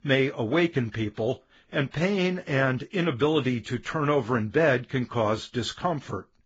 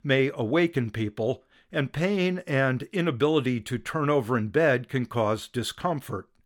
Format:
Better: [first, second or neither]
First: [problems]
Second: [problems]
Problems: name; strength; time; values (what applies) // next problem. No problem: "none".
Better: second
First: garbled, watery; badly; nothing above 7.5 kHz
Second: none